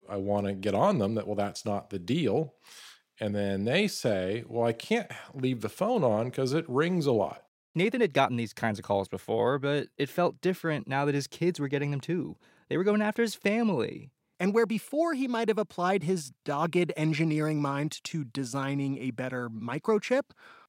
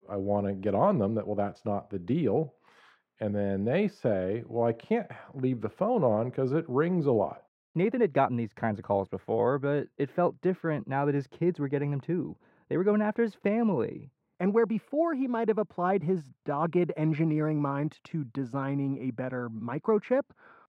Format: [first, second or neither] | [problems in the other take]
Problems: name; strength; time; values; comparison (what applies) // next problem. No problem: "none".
first | muffled; very; fading above 3 kHz